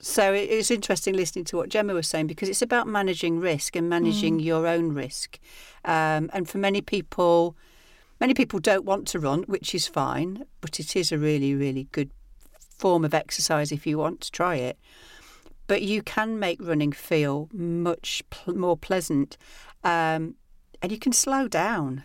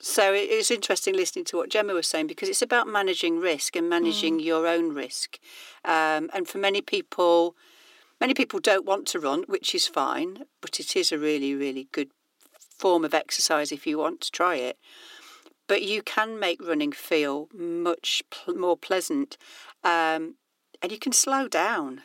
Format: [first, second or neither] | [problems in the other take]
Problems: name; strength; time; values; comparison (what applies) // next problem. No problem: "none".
first | thin; very slightly; fading below 300 Hz